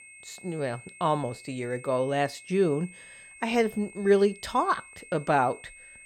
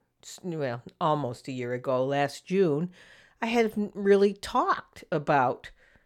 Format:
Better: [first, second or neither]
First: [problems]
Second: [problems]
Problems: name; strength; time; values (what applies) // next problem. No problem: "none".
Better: second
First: high-pitched whine; noticeable; throughout; 2 kHz, 20 dB below the speech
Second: none